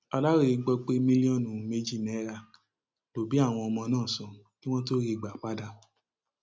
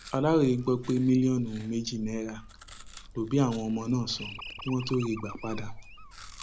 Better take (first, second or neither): first